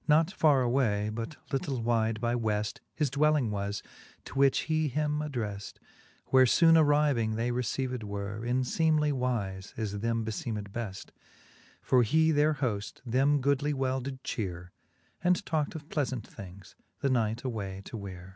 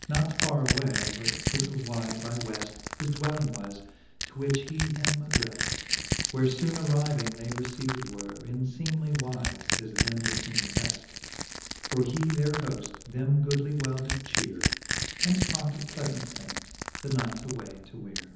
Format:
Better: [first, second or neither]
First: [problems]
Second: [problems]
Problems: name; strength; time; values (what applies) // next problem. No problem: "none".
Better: first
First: none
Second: background sound (Crushing); 2 dB below the speech // room echo; dies away in 0.9 s